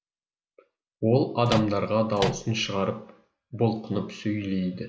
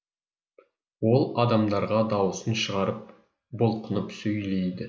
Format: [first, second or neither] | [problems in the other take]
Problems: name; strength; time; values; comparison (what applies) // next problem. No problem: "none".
second | background sound (Microwave oven); 6 dB below the speech